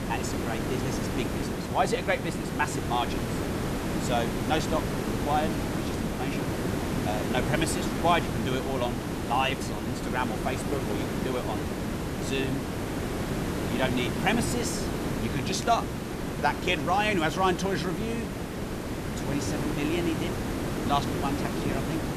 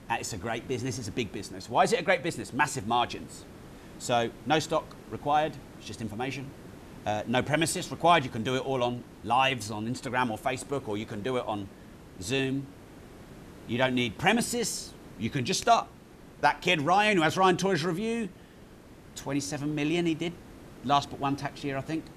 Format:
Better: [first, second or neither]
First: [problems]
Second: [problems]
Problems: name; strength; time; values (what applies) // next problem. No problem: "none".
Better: second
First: hiss; loud; throughout; 1 dB below the speech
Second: hiss; faint; throughout; 20 dB below the speech